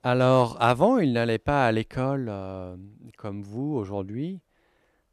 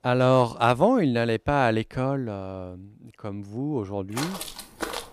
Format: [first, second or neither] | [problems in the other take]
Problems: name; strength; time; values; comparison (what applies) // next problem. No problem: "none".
first | footsteps; noticeable; at 4 s; peak 8 dB below the speech